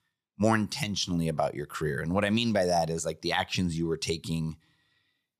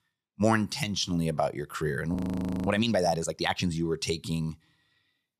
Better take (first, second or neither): first